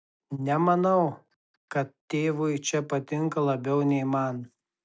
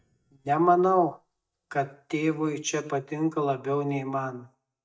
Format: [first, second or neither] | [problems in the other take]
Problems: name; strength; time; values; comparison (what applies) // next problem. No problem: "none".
first | noise reduction (neural mask model DeepFilterNet 3)